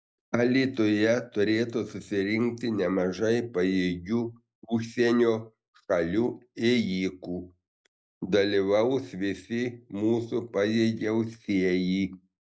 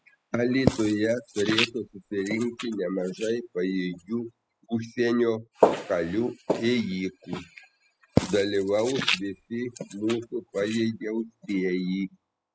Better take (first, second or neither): first